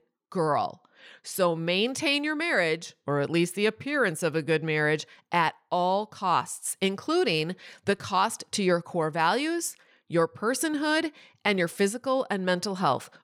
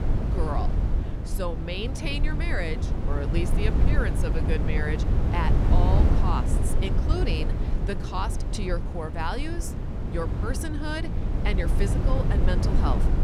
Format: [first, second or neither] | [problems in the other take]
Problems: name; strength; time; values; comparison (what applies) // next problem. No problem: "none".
first | wind noise on the microphone; heavy; 4 dB below the speech